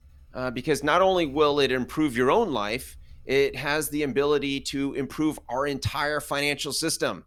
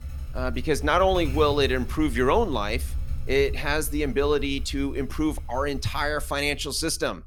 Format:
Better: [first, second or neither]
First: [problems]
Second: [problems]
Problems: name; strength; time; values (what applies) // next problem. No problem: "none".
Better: first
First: traffic noise; faint; throughout; 30 dB below the speech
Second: traffic noise; loud; throughout; 10 dB below the speech